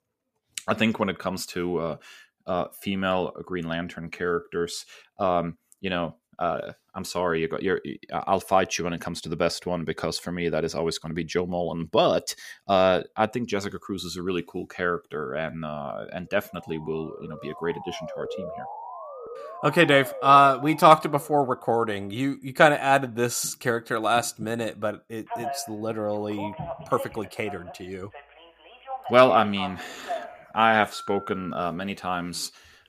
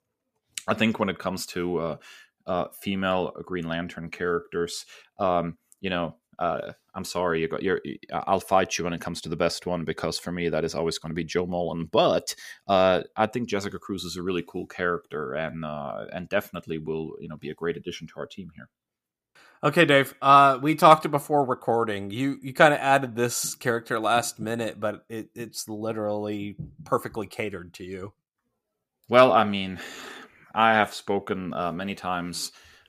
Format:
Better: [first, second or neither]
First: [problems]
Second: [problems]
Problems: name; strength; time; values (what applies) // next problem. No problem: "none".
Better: second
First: siren; noticeable; from 16 to 22 s; peak 10 dB below the speech // phone ringing; noticeable; from 25 to 32 s; peak 8 dB below the speech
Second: none